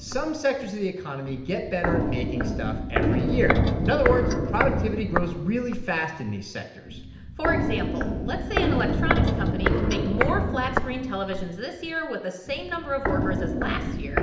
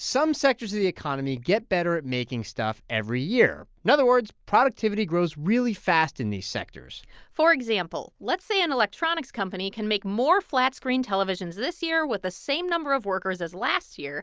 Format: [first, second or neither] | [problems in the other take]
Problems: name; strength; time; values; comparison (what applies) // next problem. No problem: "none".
second | background sound (Walk, footsteps); 2 dB above the speech // room echo; dies away in 0.8 s